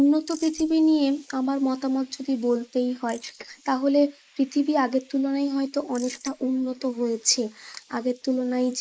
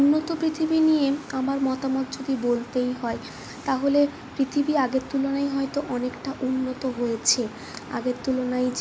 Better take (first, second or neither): second